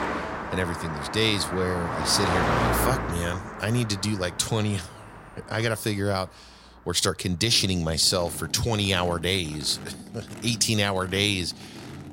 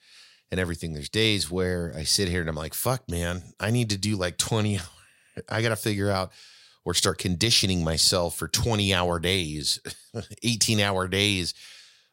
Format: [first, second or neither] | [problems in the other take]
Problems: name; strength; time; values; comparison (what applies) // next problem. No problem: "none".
second | traffic noise; loud; throughout; 7 dB below the speech